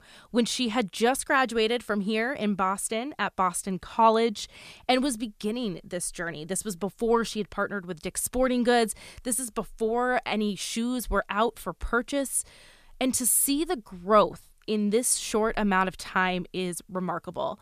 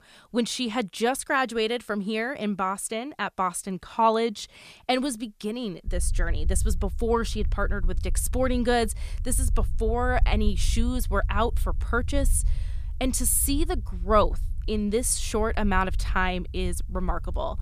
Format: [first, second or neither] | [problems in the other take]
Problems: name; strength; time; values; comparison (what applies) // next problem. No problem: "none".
first | low rumble; faint; from 6 s on; 25 dB below the speech